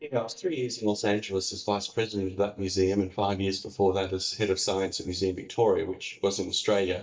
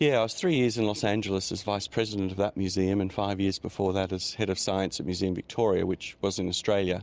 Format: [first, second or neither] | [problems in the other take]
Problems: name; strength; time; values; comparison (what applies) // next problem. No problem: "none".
second | noise reduction (neural mask model DeepFilterNet 3)